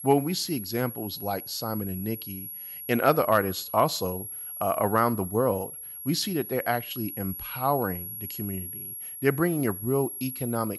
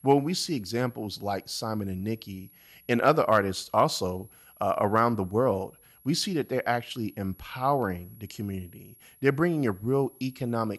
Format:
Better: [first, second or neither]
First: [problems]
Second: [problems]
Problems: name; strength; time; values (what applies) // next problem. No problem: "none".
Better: second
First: high-pitched whine; loud; throughout; 11.5 kHz, 8 dB below the speech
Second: high-pitched whine; faint; throughout; 11.5 kHz, 25 dB below the speech